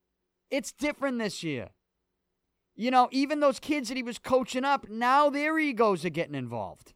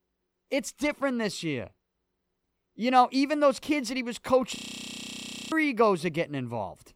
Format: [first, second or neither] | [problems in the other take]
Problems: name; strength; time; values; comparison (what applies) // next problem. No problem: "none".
first | audio freezing; at 4.5 s for 1 s